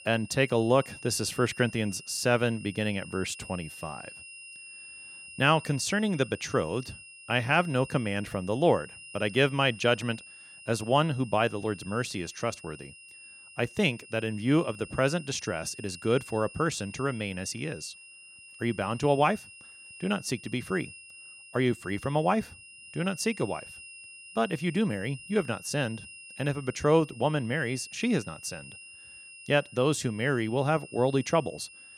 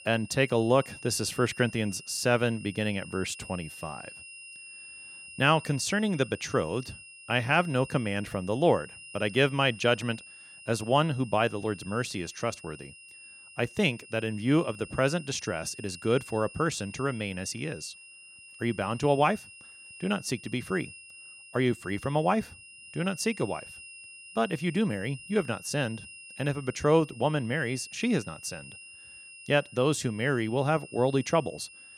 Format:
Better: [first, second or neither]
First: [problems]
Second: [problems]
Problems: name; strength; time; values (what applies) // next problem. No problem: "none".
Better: neither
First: high-pitched whine; noticeable; throughout; 2.5 kHz, 15 dB below the speech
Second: high-pitched whine; noticeable; throughout; 2.5 kHz, 15 dB below the speech